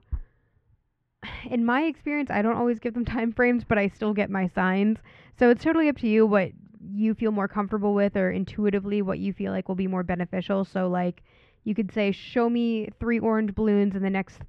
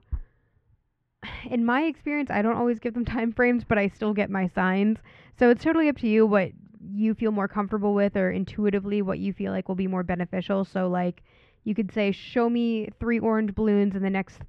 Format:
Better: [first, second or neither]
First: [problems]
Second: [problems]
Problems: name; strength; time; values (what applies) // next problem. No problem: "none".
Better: neither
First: muffled; very; fading above 2 kHz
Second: muffled; very; fading above 2 kHz